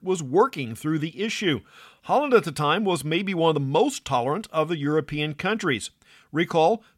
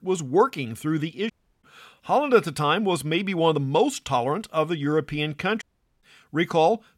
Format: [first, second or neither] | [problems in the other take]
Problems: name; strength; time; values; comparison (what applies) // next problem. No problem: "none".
first | audio cutting out; at 1.5 s and at 5.5 s